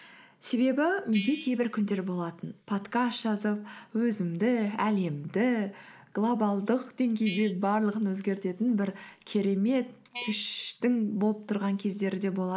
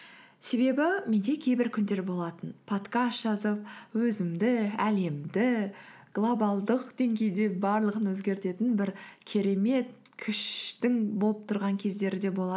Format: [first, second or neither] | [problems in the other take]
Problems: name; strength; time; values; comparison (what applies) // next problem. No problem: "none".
second | noise reduction (neural mask model Resemble Enhance denoiser)